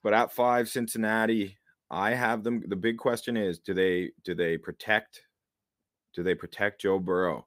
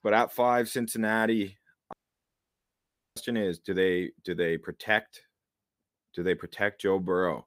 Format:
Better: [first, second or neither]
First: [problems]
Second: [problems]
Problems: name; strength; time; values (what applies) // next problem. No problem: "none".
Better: first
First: none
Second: audio cutting out; at 2 s for 1 s